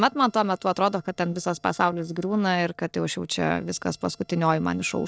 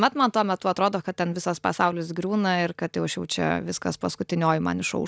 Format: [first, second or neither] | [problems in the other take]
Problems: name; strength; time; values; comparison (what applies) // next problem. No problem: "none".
second | noise reduction (neural separator model SepFormer DNS4)